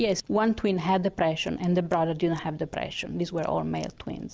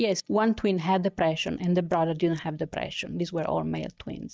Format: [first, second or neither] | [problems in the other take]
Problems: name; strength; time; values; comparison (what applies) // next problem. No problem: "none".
first | noise reduction (neural mask model DeepFilterNet 3)